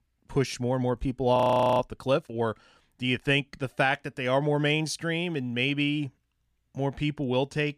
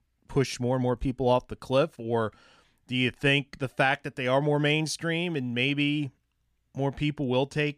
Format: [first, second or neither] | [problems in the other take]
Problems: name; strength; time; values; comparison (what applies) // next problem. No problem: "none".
second | audio freezing; at 1.5 s